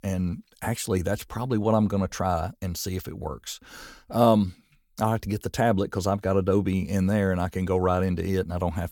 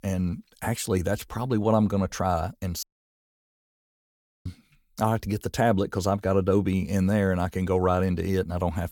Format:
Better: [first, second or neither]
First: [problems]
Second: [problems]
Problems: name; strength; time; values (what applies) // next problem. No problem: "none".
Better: first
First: none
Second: audio cutting out; at 3 s for 1.5 s